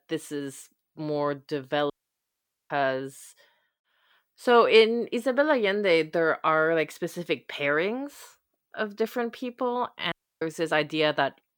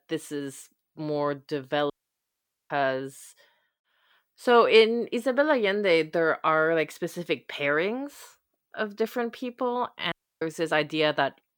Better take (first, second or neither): neither